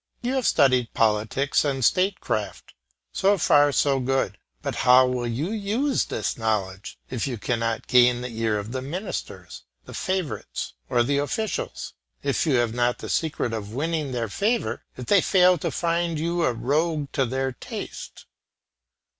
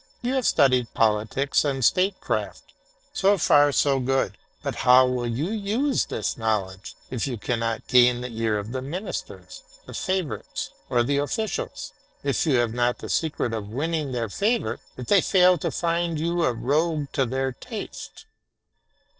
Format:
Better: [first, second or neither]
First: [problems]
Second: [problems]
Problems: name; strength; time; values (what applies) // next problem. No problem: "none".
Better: first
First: none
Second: noise reduction (neural separator model SepFormer DNS4)